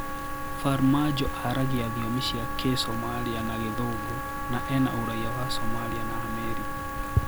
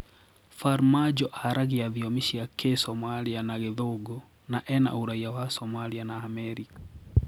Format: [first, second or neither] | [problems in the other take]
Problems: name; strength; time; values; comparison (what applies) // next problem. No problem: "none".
second | background sound (Rain + Wind instrument, woodwind instrument); 1 dB below the speech